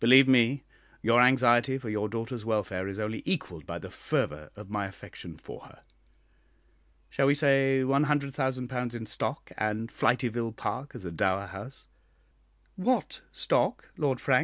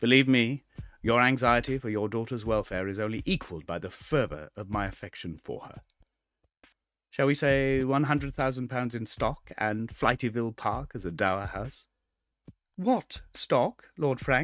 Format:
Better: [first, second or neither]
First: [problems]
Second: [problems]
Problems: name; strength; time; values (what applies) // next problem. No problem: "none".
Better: first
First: none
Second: noise reduction (neural mask model RNNoise)